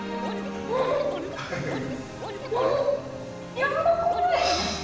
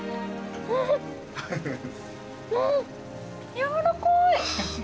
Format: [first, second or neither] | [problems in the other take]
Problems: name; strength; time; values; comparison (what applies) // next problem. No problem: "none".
second | background sound (Scratching (performance technique)); 11 dB below the speech // room echo; dies away in 0.9 s